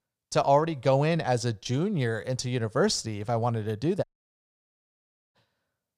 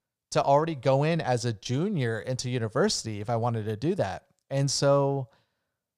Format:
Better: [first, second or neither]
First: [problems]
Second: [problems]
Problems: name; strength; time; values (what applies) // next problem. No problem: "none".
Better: second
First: audio cutting out; at 4 s for 1.5 s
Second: none